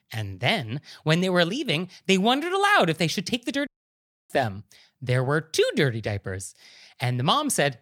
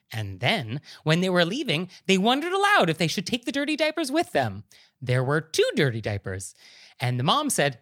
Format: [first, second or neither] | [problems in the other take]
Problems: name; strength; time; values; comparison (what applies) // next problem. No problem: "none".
second | audio cutting out; at 3.5 s for 0.5 s